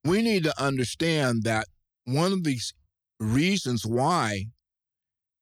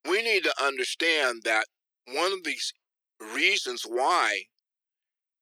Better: first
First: none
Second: thin; very; fading below 350 Hz

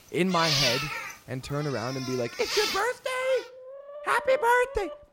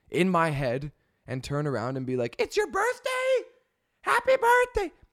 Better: second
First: animal sounds; loud; throughout; 2 dB below the speech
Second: none

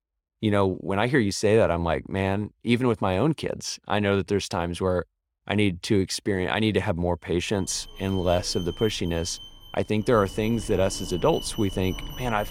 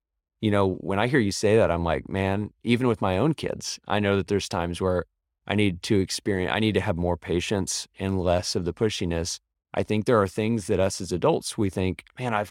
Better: second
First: alarms or sirens; noticeable; from 8 s on; 15 dB below the speech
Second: none

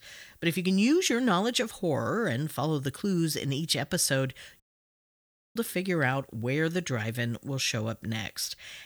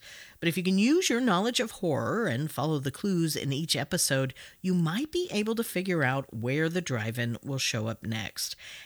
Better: second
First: audio cutting out; at 4.5 s for 1 s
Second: none

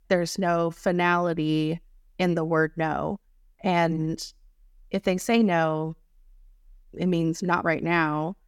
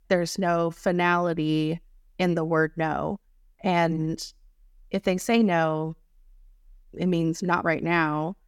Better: neither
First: none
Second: none

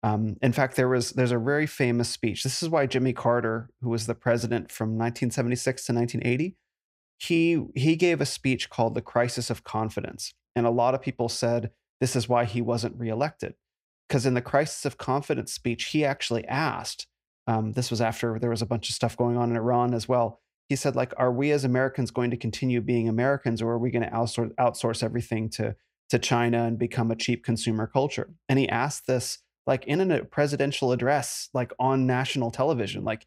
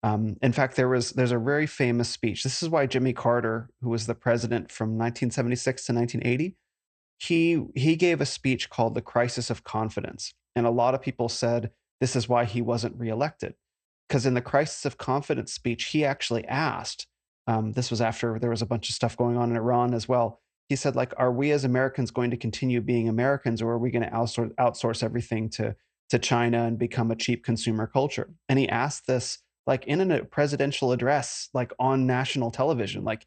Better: first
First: none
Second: garbled, watery; slightly; nothing above 8.5 kHz

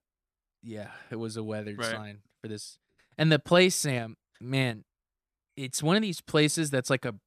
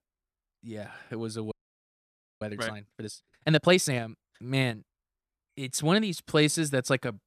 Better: first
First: none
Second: audio freezing; at 1.5 s for 1 s

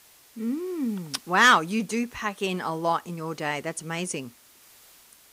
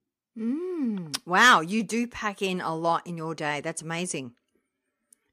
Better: second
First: hiss; faint; throughout; 25 dB below the speech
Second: none

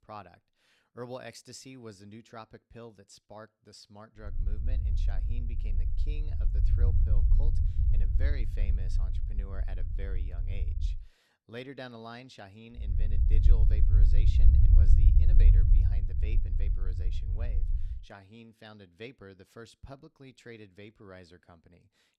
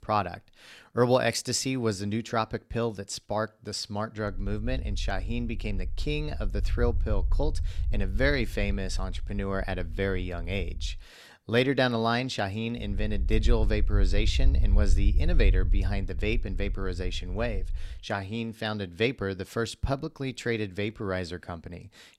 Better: second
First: low rumble; loud; from 4.5 to 11 s and from 13 to 18 s; as loud as the speech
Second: low rumble; faint; from 4.5 to 11 s and from 13 to 18 s; 20 dB below the speech

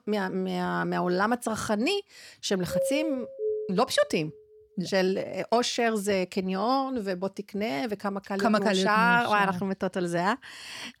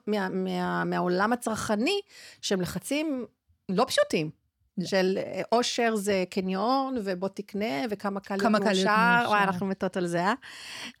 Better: second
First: doorbell; noticeable; from 2.5 to 4 s; peak 2 dB below the speech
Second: none

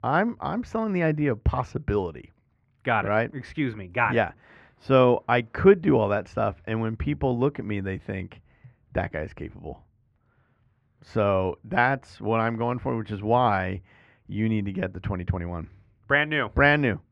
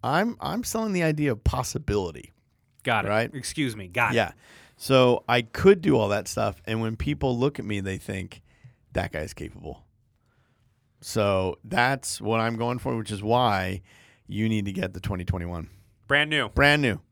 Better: second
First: muffled; very; fading above 2 kHz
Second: none

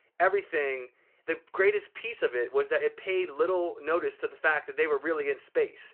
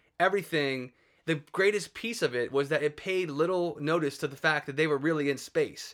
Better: second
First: phone-call audio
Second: none

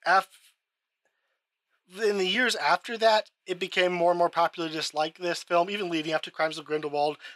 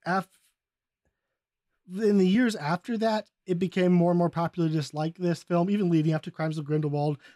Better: second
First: thin; very; fading below 650 Hz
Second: none

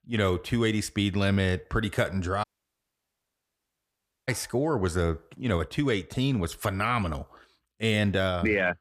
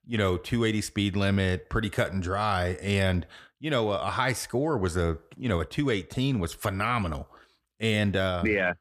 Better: second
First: audio cutting out; at 2.5 s for 2 s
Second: none

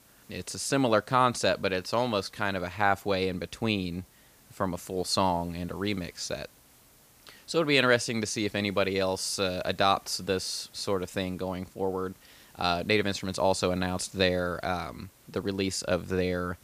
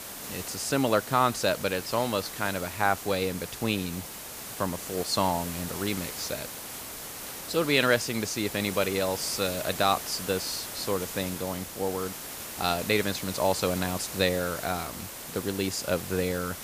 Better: first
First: hiss; faint; throughout; 30 dB below the speech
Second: hiss; loud; throughout; 8 dB below the speech

